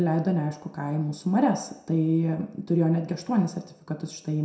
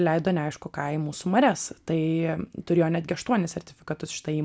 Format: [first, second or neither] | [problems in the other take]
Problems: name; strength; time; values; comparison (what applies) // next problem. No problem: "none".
second | room echo; dies away in 0.6 s